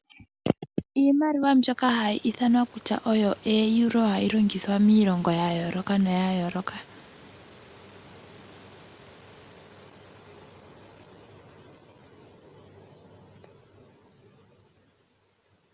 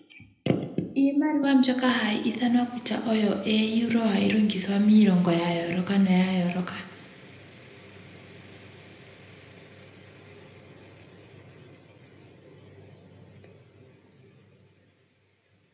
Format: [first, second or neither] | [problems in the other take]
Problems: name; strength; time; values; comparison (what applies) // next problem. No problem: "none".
first | room echo; dies away in 0.7 s